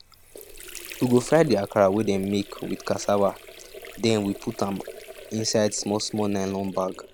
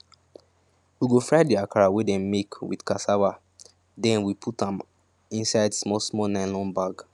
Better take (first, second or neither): second